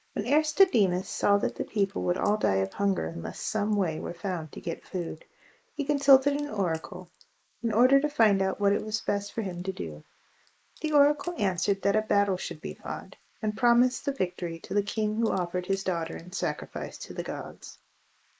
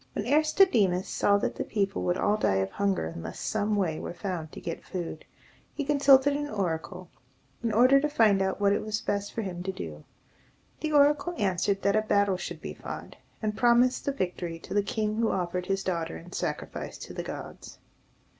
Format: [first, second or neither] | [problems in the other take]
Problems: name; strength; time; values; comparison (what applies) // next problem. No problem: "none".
second | noise reduction (neural mask model Resemble Enhance denoiser)